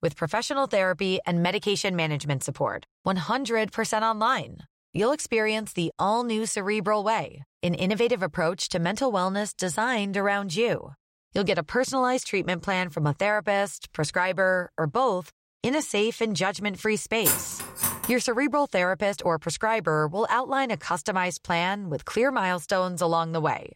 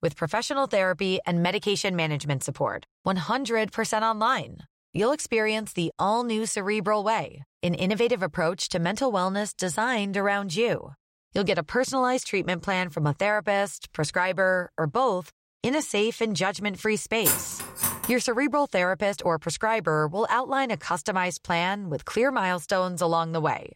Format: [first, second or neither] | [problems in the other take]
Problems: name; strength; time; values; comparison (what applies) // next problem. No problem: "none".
neither | clattering dishes; loud; at 17 s; peak 2 dB above the speech; the same in both